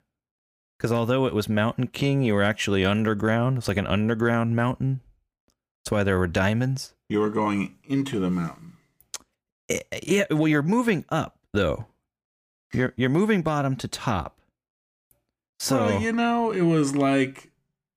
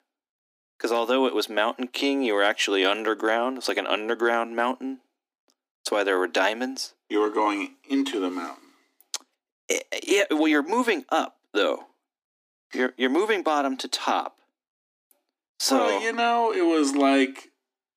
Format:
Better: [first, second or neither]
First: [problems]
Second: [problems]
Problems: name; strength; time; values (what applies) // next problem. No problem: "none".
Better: first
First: none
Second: thin; somewhat; fading below 250 Hz